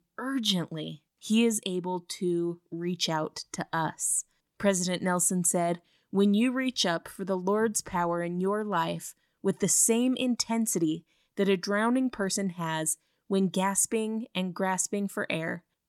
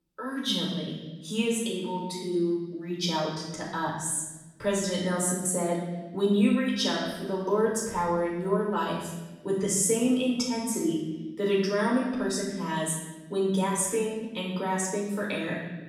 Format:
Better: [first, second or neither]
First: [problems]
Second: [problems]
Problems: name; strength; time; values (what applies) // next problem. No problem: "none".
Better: first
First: none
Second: room echo; noticeable; dies away in 1.2 s // off-mic speech; far